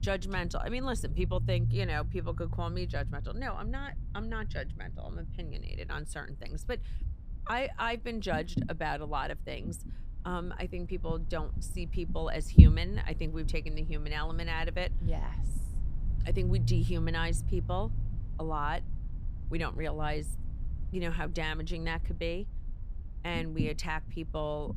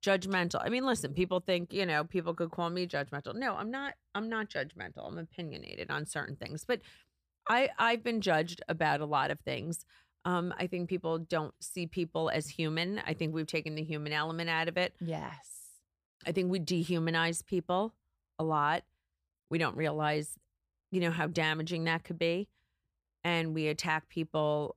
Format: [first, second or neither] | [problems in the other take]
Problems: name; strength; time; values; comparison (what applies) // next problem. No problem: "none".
second | low rumble; loud; throughout; 10 dB below the speech